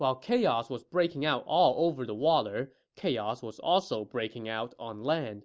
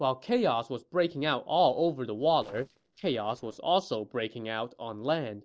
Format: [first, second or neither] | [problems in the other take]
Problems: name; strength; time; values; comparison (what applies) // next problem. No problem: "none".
first | noise reduction (neural separator model SepFormer DNS4)